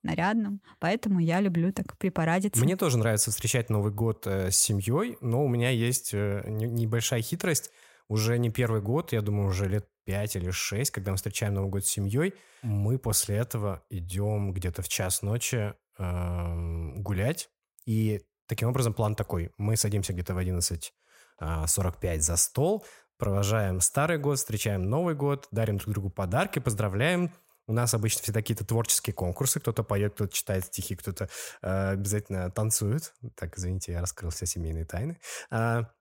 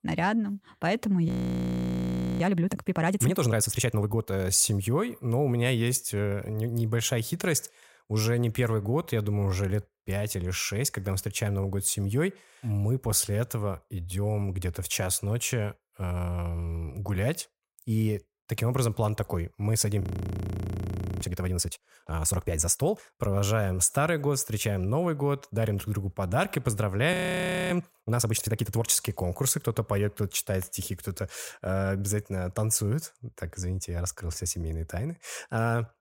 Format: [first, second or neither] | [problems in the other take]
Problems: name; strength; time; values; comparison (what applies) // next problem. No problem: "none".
first | audio freezing; at 1.5 s for 1 s, at 20 s for 1 s and at 27 s for 0.5 s